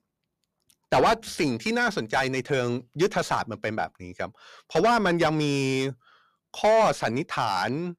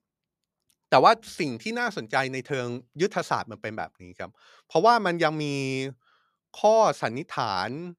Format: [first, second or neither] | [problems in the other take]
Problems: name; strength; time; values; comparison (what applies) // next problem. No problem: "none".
second | distortion; heavy; 5 dB below the speech